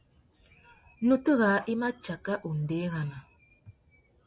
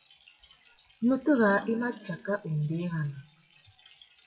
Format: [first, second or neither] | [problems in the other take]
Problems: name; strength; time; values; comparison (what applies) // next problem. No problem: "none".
first | noise reduction (classical method WPE with log-MMSE)